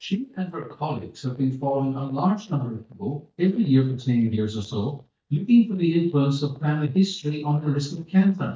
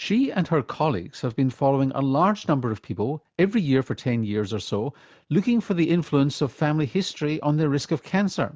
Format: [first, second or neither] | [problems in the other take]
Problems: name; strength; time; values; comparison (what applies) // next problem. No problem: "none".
second | noise reduction (neural mask model DeepFilterNet 3)